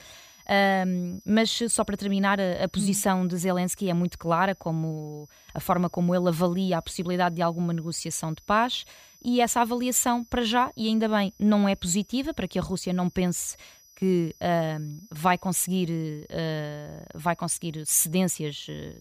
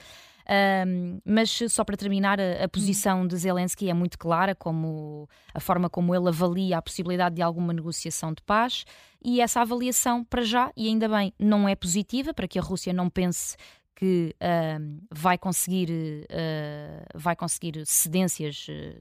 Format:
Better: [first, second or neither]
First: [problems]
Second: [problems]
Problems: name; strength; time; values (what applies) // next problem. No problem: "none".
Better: second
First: high-pitched whine; faint; throughout; 6 kHz, 30 dB below the speech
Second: none